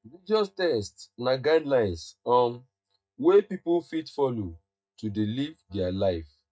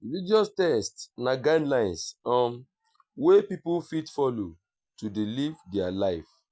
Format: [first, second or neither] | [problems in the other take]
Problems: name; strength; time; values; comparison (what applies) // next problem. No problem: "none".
second | noise reduction (neural mask model DeepFilterNet 3)